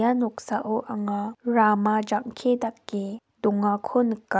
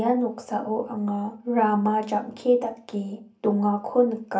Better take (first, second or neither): first